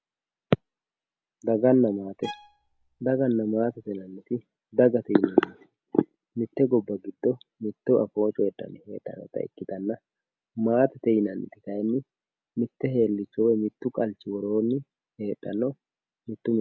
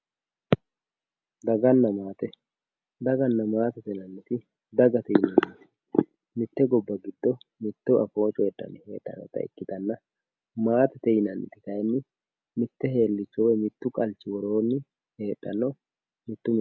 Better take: second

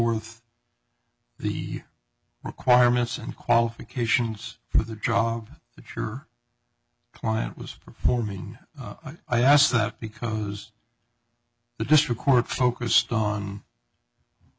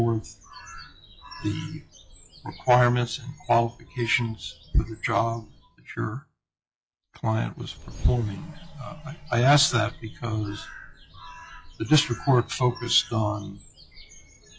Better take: first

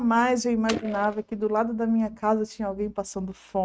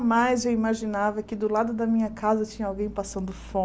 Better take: second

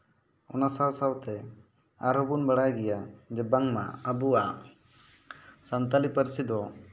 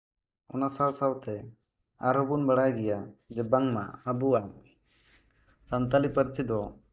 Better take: first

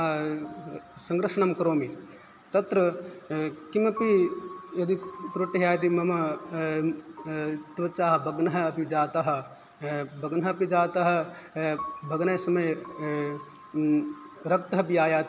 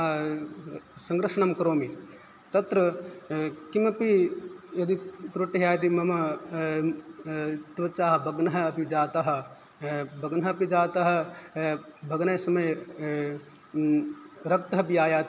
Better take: second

